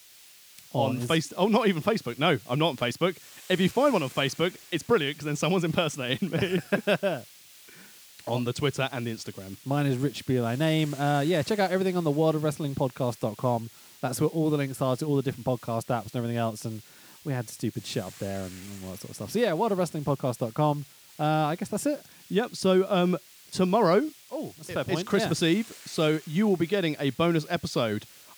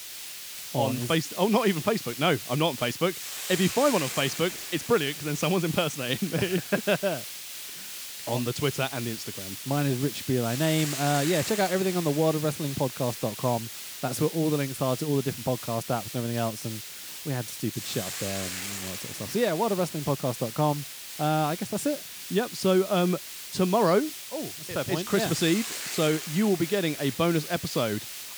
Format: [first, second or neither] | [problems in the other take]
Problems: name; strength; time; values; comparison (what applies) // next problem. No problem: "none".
first | hiss; loud; throughout; 7 dB below the speech; faint in the first